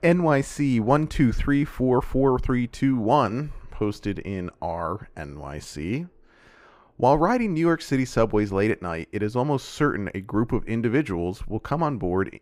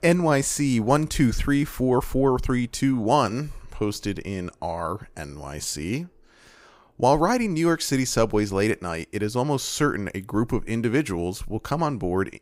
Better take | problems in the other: second | muffled; slightly; fading above 4 kHz

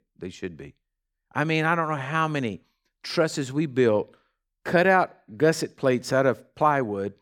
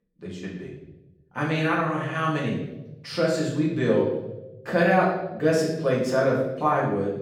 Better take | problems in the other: first | room echo; noticeable; dies away in 0.9 s // off-mic speech; far

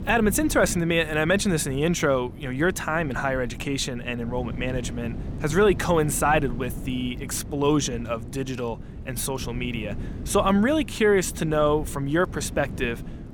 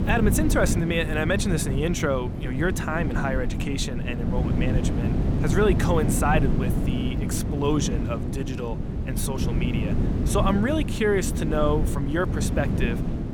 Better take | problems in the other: first | wind noise on the microphone; heavy; 7 dB below the speech; occasional gusts in the first

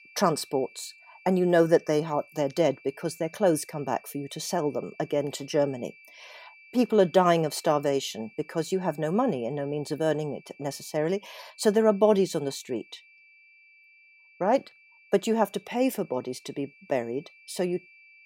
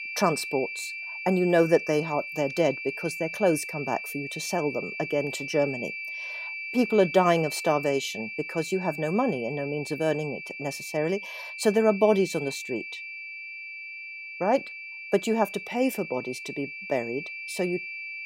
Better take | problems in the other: first | high-pitched whine; loud; throughout; 2.5 kHz, 8 dB below the speech; faint in the first

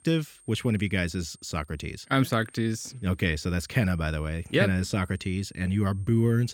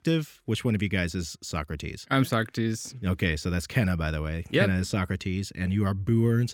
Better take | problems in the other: second | high-pitched whine; faint; throughout; 8.5 kHz, 30 dB below the speech

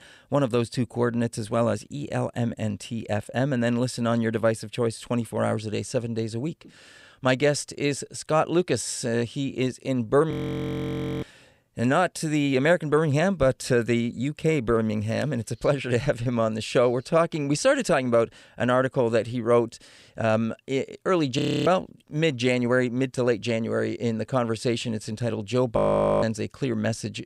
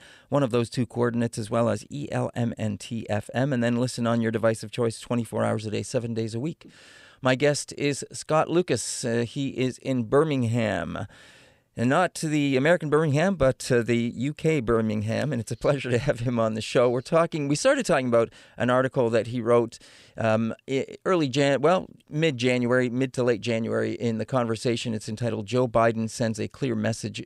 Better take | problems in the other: second | audio freezing; at 10 s for 1 s, at 21 s and at 26 s

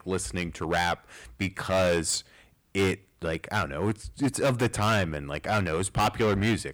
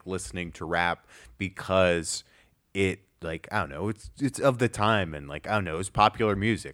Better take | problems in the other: second | distortion; heavy; 9% of the sound clipped

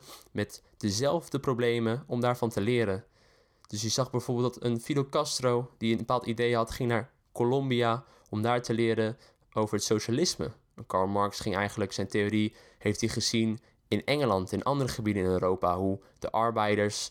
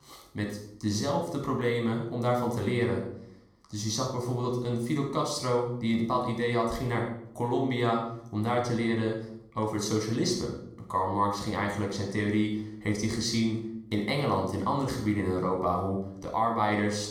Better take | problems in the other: first | room echo; noticeable; dies away in 0.6 s // off-mic speech; somewhat distant

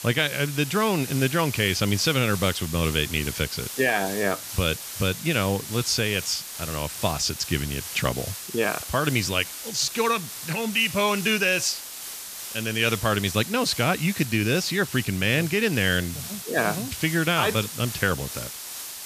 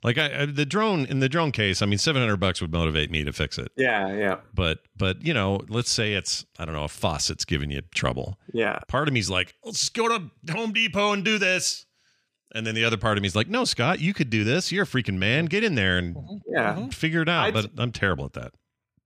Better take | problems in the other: second | hiss; loud; throughout; 9 dB below the speech

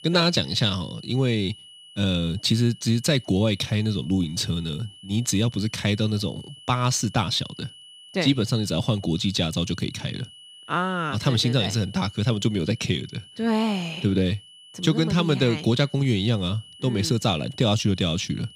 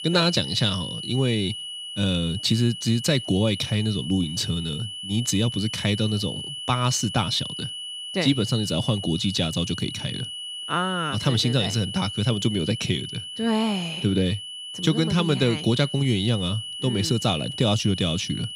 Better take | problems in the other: first | high-pitched whine; loud; throughout; 3 kHz, 8 dB below the speech; faint in the first

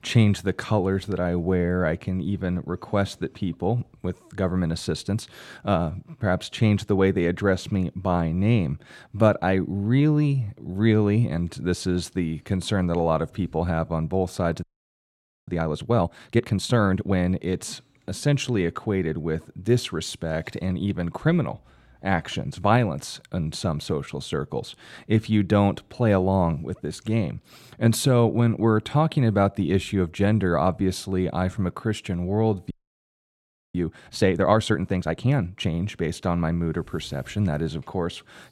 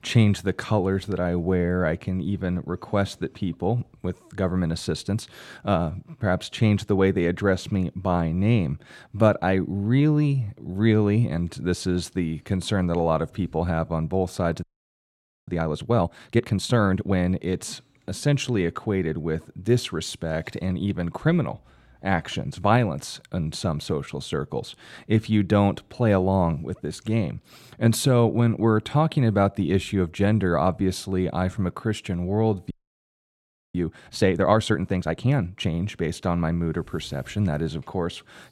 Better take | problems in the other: neither | audio freezing; at 15 s for 1 s and at 33 s for 1 s; the same in both

